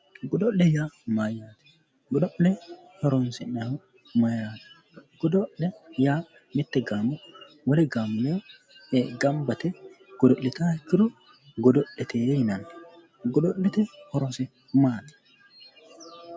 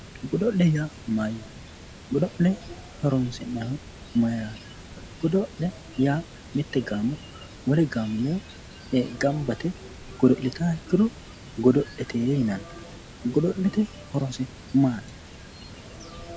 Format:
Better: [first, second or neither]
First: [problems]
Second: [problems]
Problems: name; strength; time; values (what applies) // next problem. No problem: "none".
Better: first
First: none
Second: background sound (Water); 17 dB below the speech